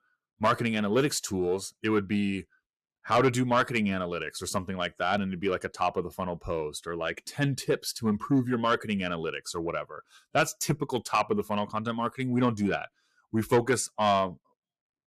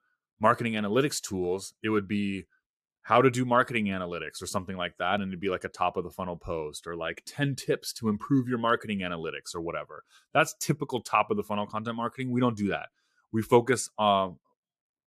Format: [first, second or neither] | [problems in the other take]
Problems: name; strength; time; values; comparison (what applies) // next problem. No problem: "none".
second | distortion; slight; 10 dB below the speech